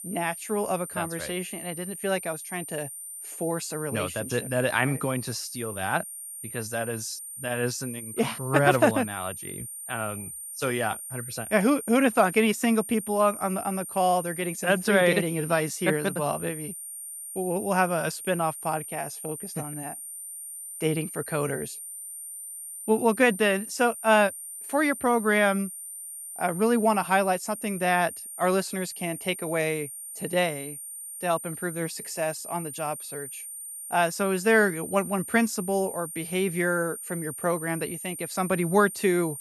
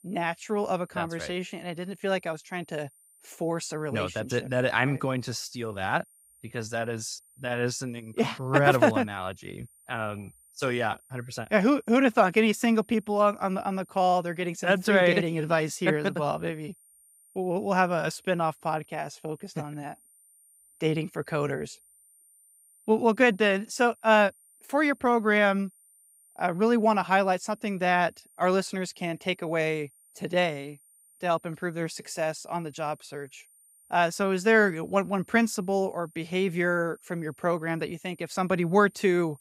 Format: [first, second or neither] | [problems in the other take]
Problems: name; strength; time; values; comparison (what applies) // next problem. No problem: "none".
second | high-pitched whine; loud; throughout; 9 kHz, 9 dB below the speech; faint in the second